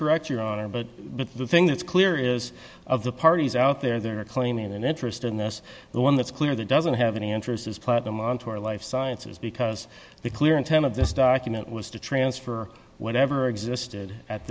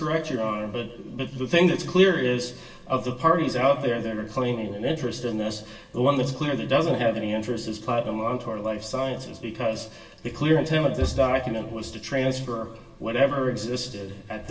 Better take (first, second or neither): first